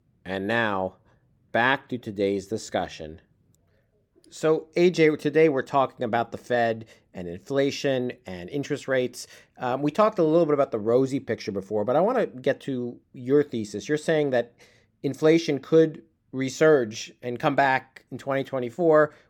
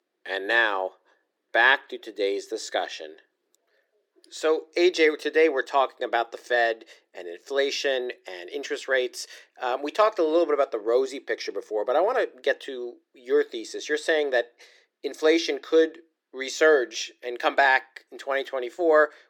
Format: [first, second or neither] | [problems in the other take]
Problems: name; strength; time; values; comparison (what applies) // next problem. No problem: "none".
first | thin; very; fading below 350 Hz